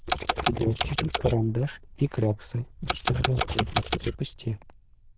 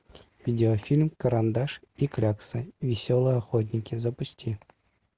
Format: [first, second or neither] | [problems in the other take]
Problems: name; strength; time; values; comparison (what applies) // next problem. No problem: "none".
second | noise reduction (neural diffusion model UNIVERSE++)